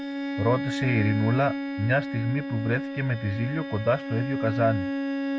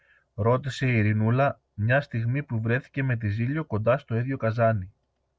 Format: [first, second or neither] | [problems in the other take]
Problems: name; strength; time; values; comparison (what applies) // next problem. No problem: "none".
second | background sound (Bowed string instrument); 4 dB below the speech